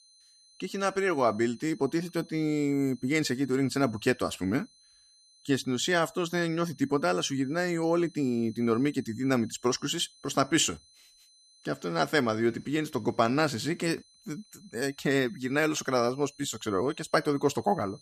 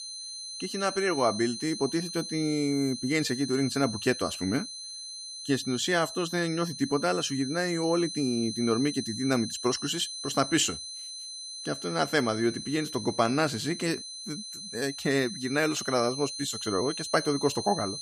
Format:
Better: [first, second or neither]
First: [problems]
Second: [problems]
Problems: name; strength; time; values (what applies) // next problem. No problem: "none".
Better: first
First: high-pitched whine; faint; throughout; 4 kHz, 30 dB below the speech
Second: high-pitched whine; loud; throughout; 4 kHz, 8 dB below the speech